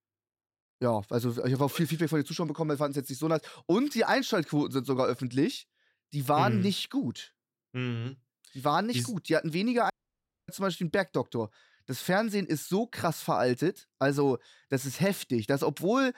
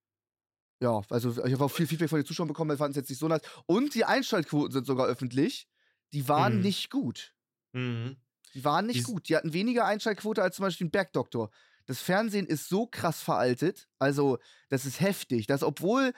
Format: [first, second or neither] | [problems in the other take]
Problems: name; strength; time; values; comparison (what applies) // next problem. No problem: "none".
second | audio cutting out; at 10 s for 0.5 s